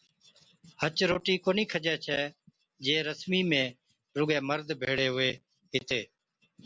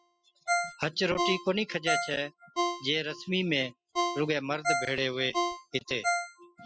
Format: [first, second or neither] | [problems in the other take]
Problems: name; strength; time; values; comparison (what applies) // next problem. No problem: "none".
first | noise reduction (classical method spectral subtraction)